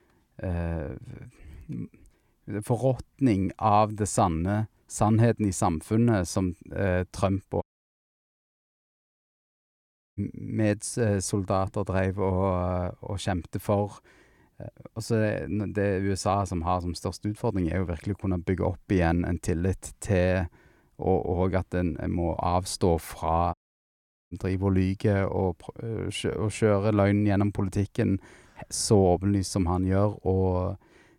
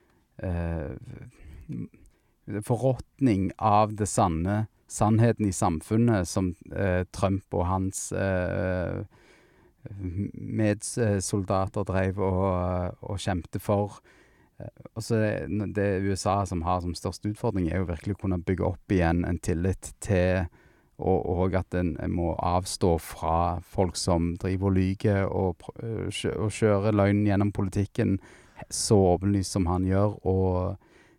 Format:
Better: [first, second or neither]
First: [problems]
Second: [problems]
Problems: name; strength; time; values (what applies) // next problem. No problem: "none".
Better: second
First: audio cutting out; at 7.5 s for 2.5 s and at 24 s for 1 s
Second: none